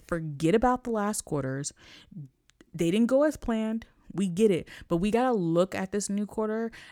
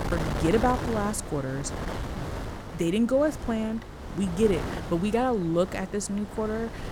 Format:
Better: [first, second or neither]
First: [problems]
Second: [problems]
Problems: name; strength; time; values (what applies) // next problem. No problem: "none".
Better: first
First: none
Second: wind noise on the microphone; heavy; 9 dB below the speech